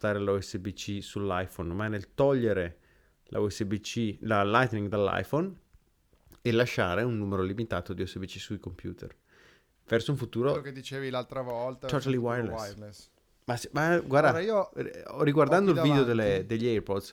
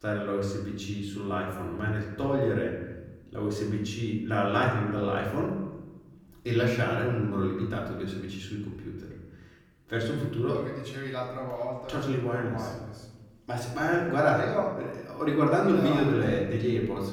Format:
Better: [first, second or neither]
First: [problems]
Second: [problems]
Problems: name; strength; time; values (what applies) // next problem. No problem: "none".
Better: first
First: none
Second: room echo; noticeable; dies away in 1 s // off-mic speech; far